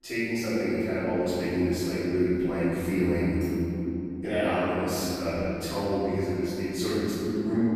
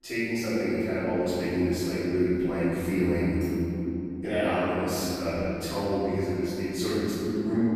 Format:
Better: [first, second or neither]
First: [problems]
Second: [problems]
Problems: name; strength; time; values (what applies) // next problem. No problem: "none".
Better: neither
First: off-mic speech; far // room echo; strong; dies away in 3 s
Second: off-mic speech; far // room echo; strong; dies away in 3 s